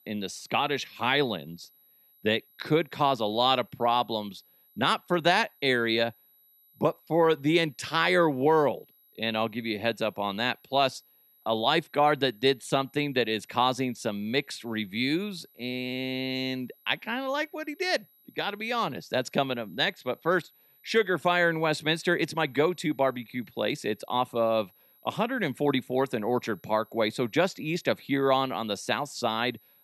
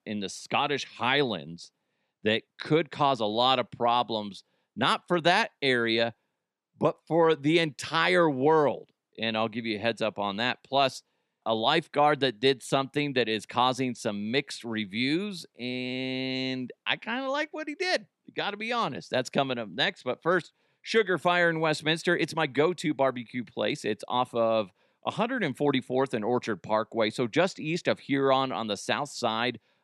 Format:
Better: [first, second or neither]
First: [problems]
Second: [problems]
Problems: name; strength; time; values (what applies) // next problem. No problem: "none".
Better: second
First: high-pitched whine; faint; throughout; 12 kHz, 30 dB below the speech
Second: none